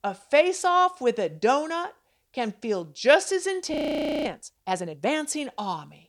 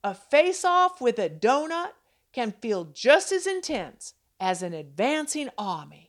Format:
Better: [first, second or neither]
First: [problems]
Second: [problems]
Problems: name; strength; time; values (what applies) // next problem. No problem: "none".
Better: second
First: audio freezing; at 3.5 s for 0.5 s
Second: none